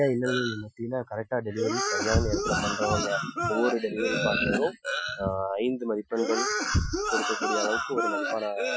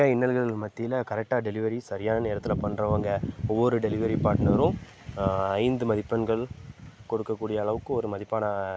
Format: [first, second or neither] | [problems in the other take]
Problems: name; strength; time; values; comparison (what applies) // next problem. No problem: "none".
second | noise reduction (classical method Wiener filter)